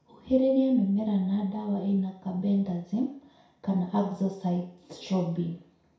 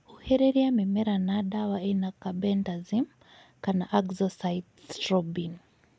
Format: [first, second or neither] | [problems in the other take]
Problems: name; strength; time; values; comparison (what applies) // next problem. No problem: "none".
second | room echo; dies away in 0.6 s